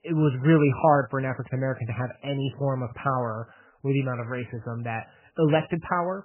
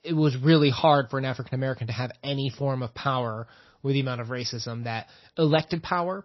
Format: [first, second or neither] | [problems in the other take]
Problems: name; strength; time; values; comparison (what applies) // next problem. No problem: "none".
second | garbled, watery; badly; nothing above 3 kHz; slightly in the second